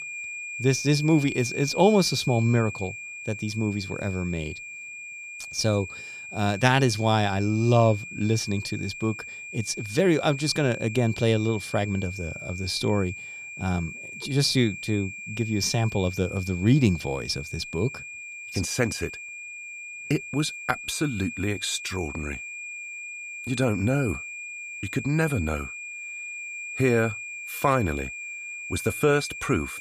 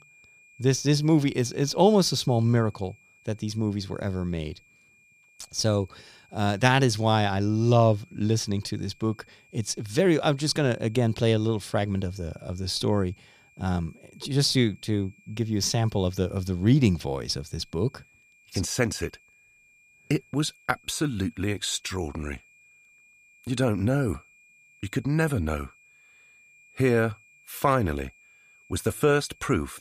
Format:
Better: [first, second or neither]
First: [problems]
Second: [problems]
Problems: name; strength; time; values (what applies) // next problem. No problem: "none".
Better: second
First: high-pitched whine; loud; throughout; 2.5 kHz, 10 dB below the speech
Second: high-pitched whine; faint; throughout; 2.5 kHz, 30 dB below the speech